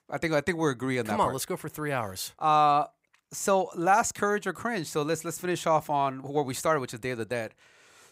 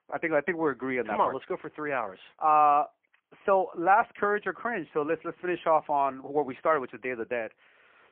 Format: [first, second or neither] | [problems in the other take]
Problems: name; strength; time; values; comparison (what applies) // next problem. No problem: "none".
first | phone-call audio; poor line